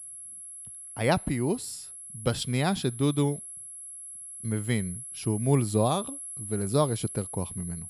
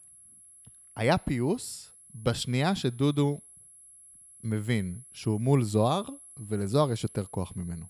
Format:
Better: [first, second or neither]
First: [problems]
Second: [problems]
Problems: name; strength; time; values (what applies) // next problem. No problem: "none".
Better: second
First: high-pitched whine; loud; throughout; 11 kHz, 10 dB below the speech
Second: high-pitched whine; faint; throughout; 11 kHz, 20 dB below the speech